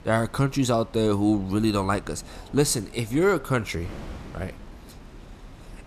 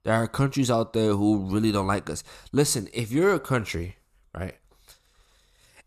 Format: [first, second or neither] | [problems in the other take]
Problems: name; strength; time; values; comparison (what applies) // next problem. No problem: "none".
second | wind noise on the microphone; occasional gusts; 20 dB below the speech